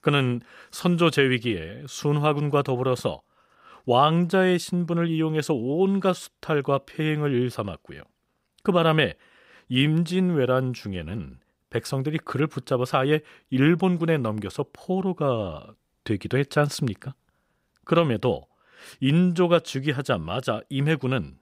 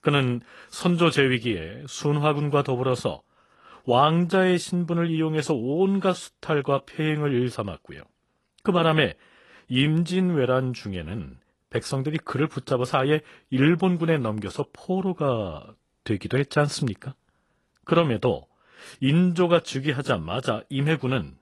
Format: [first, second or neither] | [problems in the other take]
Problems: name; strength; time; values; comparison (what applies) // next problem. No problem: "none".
first | garbled, watery; slightly; nothing above 11 kHz